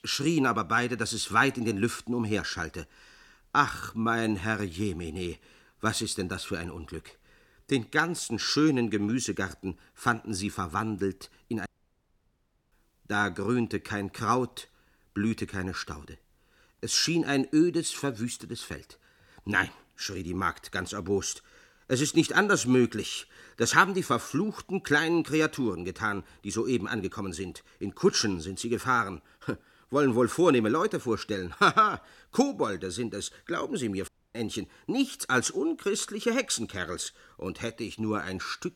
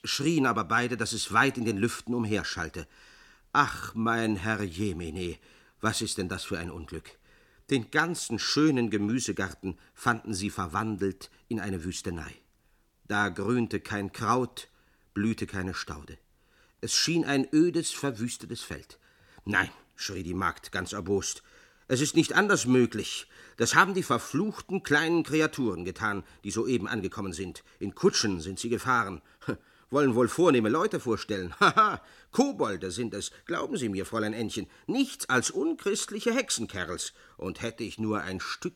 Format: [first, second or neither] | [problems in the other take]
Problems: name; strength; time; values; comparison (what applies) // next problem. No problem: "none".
second | audio cutting out; at 12 s for 1 s and at 34 s